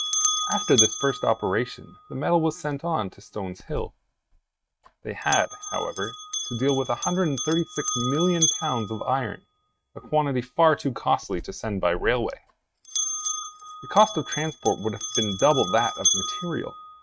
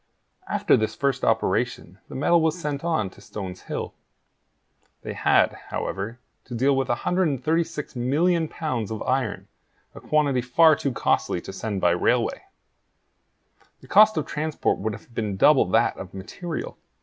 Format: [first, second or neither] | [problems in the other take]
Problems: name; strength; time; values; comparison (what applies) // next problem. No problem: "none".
second | noise reduction (neural mask model RNNoise)